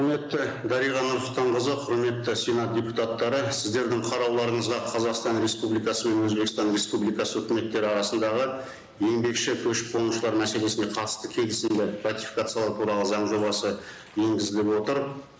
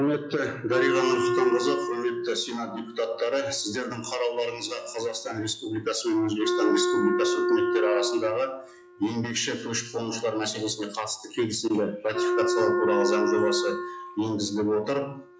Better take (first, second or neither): first